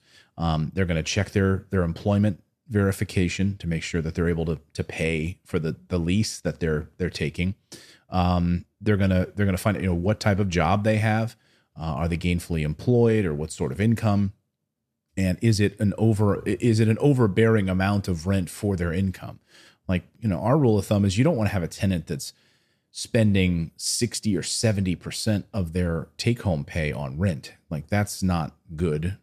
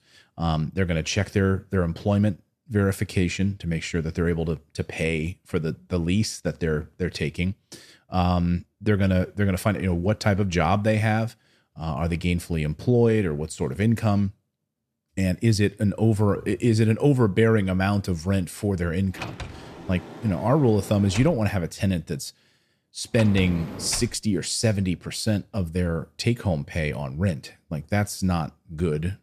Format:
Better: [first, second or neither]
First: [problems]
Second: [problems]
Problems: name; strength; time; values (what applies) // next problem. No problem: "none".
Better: first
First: none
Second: door banging; noticeable; from 19 to 24 s; peak 9 dB below the speech